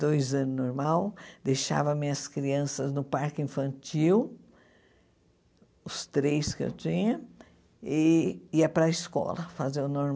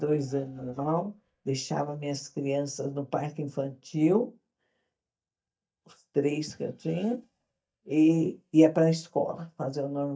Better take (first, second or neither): first